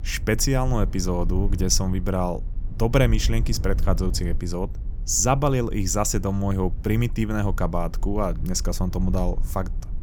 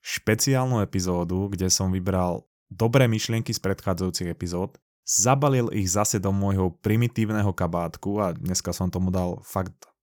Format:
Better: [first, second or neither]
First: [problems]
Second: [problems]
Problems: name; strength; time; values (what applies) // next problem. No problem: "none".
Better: second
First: low rumble; faint; throughout; 20 dB below the speech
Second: none